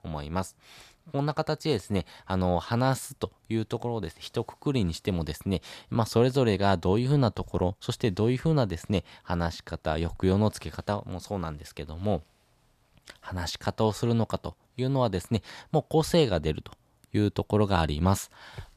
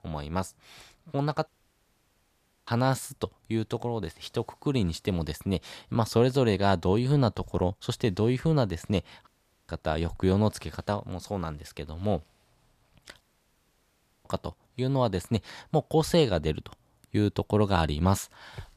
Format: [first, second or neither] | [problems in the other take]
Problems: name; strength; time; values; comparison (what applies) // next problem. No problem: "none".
first | audio cutting out; at 1.5 s for 1 s, at 9.5 s and at 13 s for 1 s